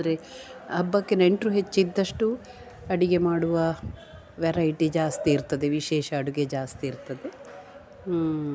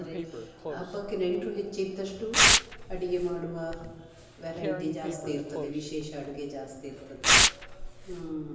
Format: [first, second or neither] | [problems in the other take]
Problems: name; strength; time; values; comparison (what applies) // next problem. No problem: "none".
first | background sound (Tearing); 5 dB above the speech // room echo; dies away in 1 s